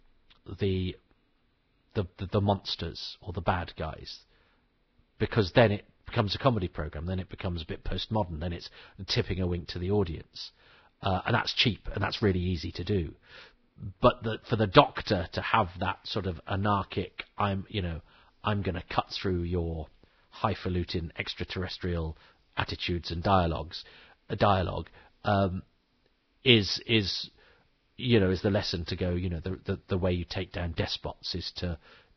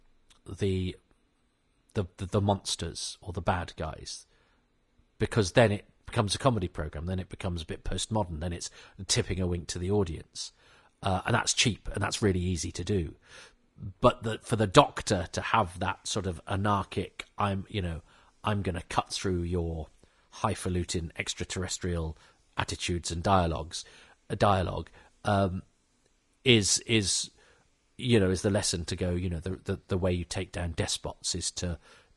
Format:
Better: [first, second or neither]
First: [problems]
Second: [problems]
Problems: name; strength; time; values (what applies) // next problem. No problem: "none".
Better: second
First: garbled, watery; badly; nothing above 5.5 kHz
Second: garbled, watery; slightly; nothing above 10.5 kHz